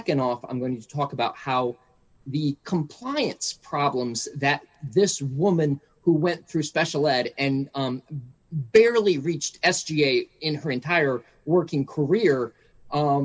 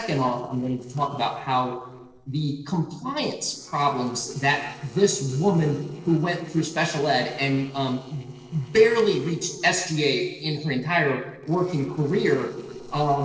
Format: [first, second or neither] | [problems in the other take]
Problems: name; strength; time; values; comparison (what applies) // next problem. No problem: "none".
first | noise reduction (neural separator model SepFormer DNS4)